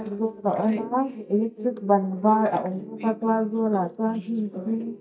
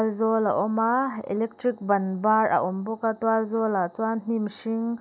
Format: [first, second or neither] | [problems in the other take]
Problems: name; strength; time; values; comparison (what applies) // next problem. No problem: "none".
second | noise reduction (neural mask model DeepFilterNet 3)